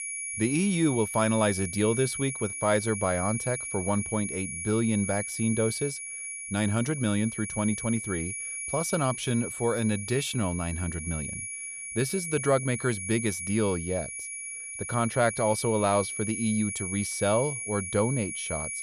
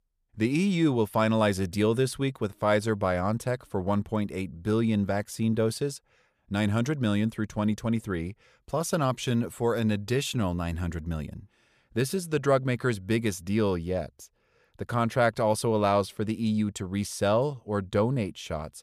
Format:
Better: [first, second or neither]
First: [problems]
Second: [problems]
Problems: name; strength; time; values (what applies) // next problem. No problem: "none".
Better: second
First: high-pitched whine; loud; throughout; 10.5 kHz, 5 dB below the speech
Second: none